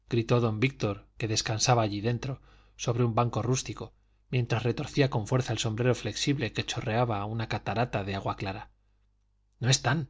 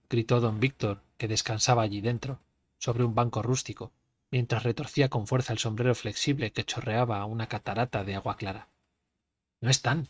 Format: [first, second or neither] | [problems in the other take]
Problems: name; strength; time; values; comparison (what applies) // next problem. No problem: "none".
first | noise reduction (neural mask model RNNoise)